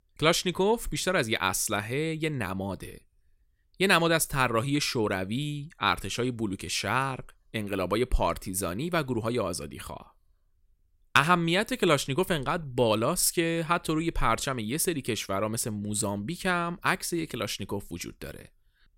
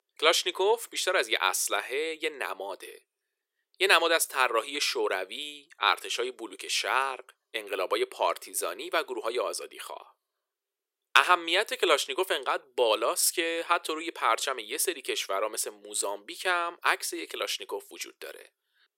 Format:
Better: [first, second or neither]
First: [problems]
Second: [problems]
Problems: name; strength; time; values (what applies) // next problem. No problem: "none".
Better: first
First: none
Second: thin; very; fading below 400 Hz